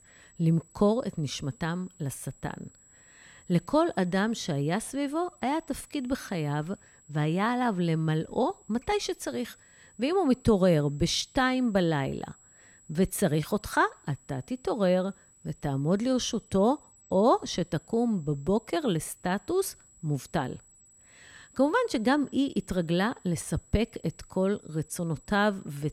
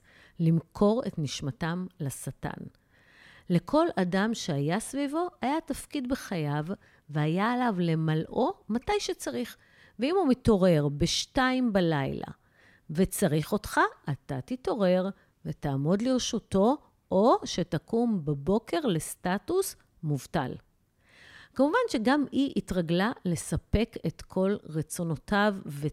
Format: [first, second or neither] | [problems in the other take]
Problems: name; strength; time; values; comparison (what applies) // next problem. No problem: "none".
second | high-pitched whine; faint; throughout; 8 kHz, 25 dB below the speech